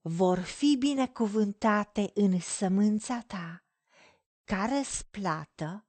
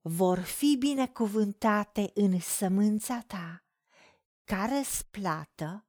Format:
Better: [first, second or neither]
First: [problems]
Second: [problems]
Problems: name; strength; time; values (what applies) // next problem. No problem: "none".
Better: second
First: garbled, watery; slightly; nothing above 8.5 kHz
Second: none